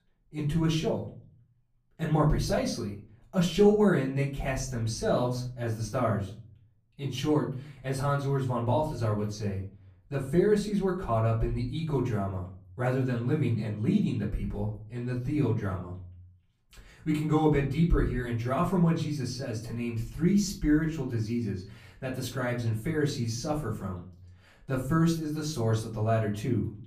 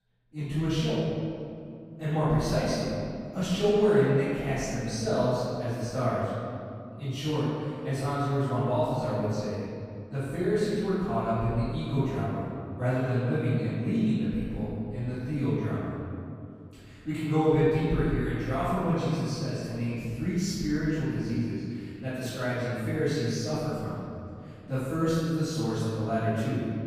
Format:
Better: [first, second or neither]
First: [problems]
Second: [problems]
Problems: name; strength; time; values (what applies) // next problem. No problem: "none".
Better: first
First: room echo; slight; dies away in 0.5 s // off-mic speech; far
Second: room echo; strong; dies away in 2.4 s // off-mic speech; far